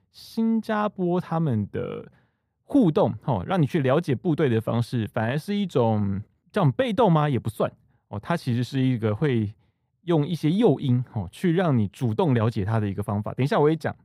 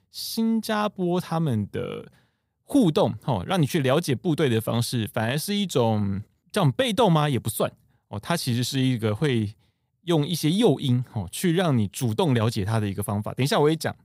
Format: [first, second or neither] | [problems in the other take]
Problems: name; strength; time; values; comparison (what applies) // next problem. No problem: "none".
second | muffled; slightly; fading above 3 kHz